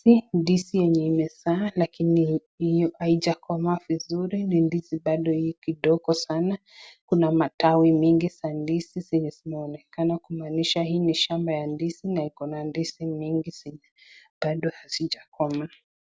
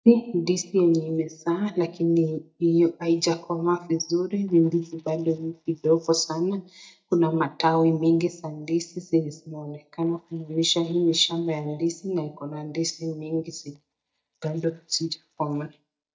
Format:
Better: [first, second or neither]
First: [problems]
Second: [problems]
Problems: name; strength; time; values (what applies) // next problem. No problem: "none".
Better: first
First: none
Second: noise reduction (neural mask model DeepFilterNet 3)